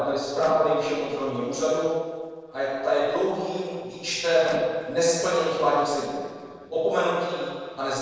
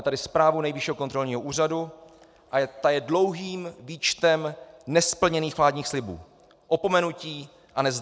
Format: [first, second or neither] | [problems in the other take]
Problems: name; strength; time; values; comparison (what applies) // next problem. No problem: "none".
second | noise reduction (neural separator model SepFormer DNS4)